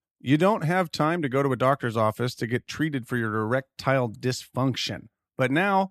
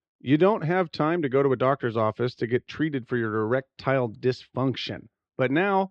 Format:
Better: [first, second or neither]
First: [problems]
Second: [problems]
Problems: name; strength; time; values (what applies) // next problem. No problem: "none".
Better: first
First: none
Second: muffled; very slightly; fading above 4.5 kHz